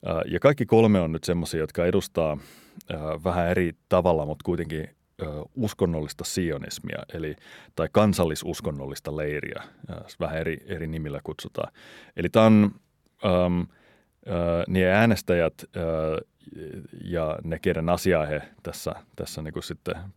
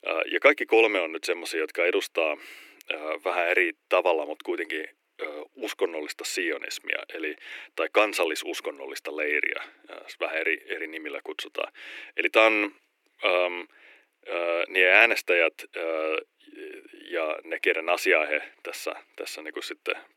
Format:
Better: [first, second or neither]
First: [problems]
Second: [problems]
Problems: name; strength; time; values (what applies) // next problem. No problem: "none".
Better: first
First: none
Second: thin; very; fading below 300 Hz